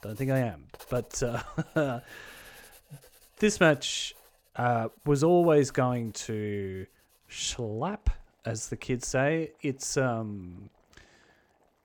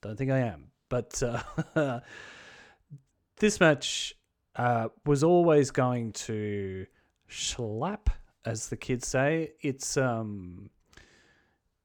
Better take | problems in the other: second | household noises; faint; throughout; 25 dB below the speech

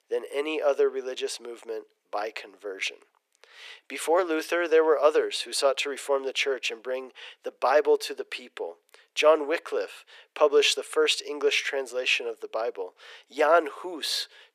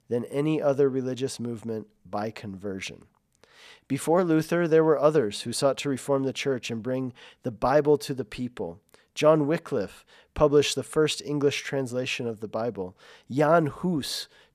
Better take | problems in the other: second | thin; very; fading below 350 Hz

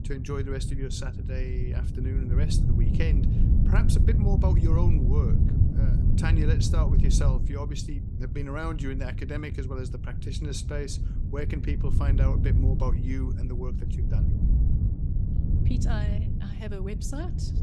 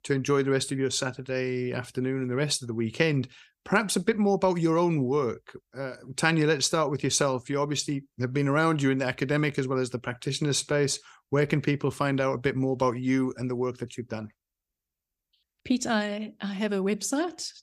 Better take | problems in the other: second | wind noise on the microphone; heavy; 3 dB below the speech

